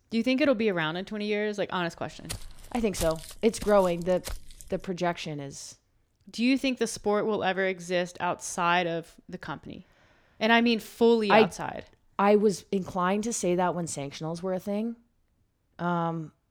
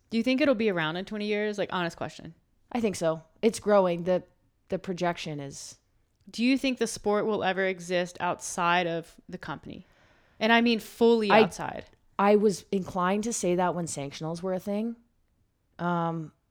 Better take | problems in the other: second | footsteps; noticeable; from 2 to 5 s; peak 10 dB below the speech

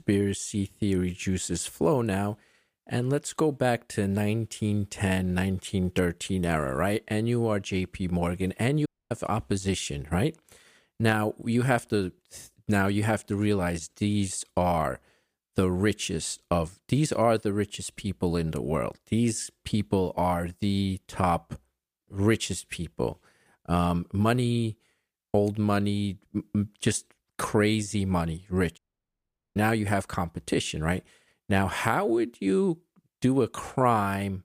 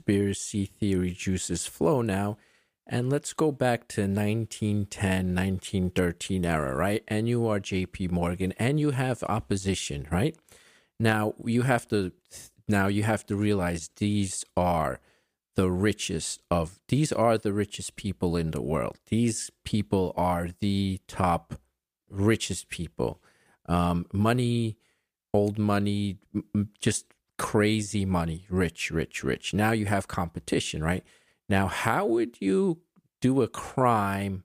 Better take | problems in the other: second | audio cutting out; at 9 s and at 29 s for 1 s

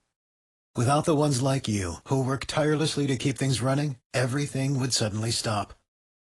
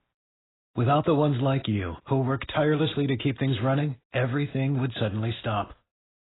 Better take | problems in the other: first | garbled, watery; badly; nothing above 4 kHz; slightly in the first

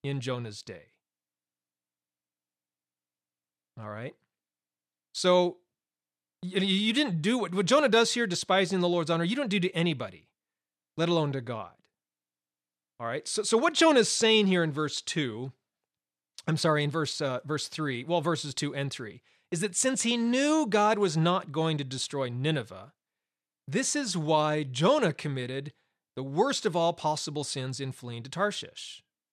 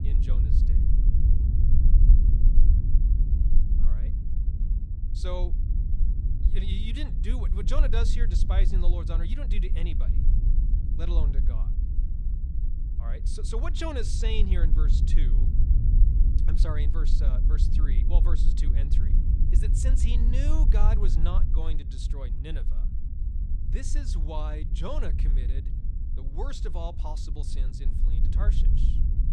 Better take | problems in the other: first | low rumble; loud; throughout; 6 dB below the speech

